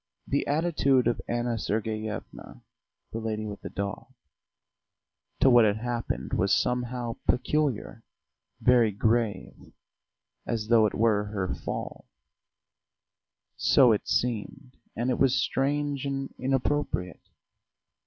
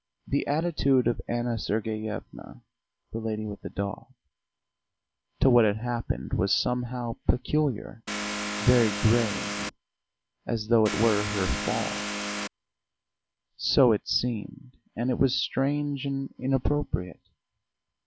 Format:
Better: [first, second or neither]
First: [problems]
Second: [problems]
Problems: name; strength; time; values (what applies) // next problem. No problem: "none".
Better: first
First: none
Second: background sound (Vehicle); 4 dB below the speech